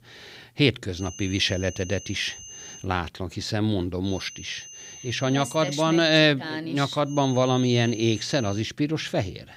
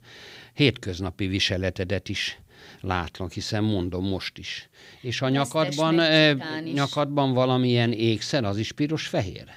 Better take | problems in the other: second | high-pitched whine; noticeable; from 1 to 3 s, from 4 to 6 s and from 7 to 8.5 s; 6.5 kHz, 15 dB below the speech

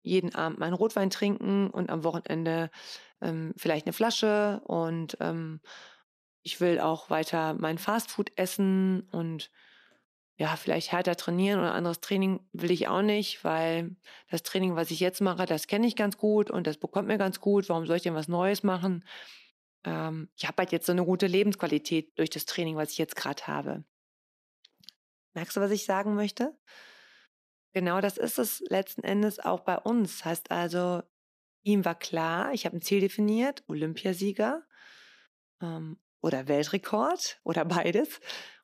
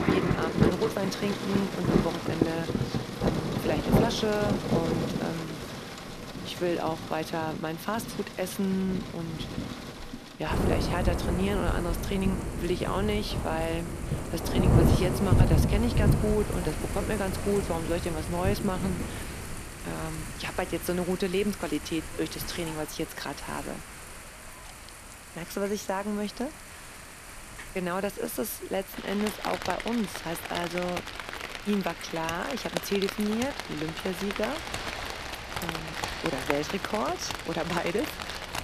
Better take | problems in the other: first | rain or running water; very loud; throughout; as loud as the speech

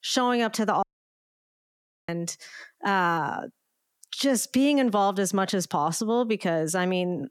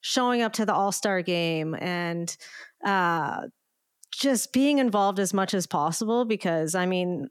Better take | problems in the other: second | audio cutting out; at 1 s for 1.5 s

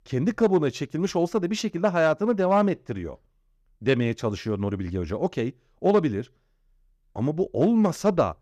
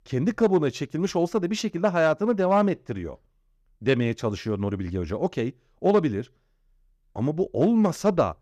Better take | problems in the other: neither | none

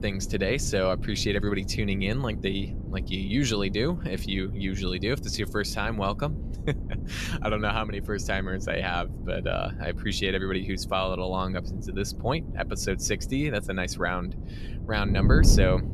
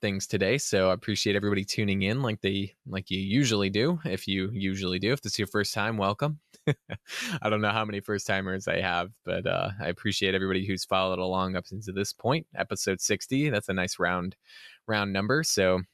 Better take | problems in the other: second | wind noise on the microphone; occasional gusts; 15 dB below the speech

